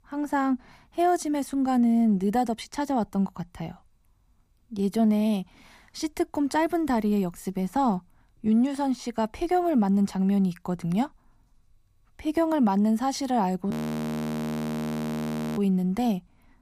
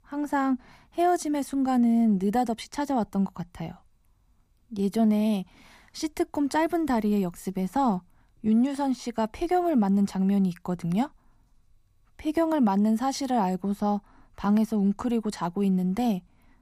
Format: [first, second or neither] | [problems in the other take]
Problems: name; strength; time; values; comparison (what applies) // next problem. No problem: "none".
second | audio freezing; at 14 s for 2 s